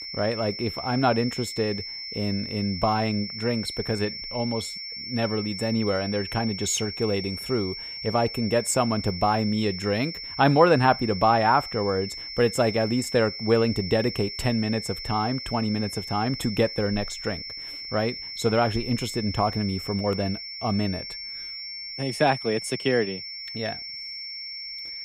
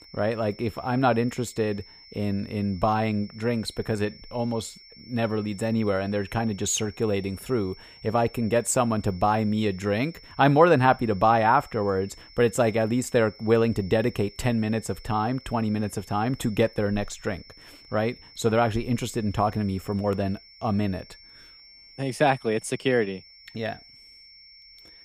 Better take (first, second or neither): second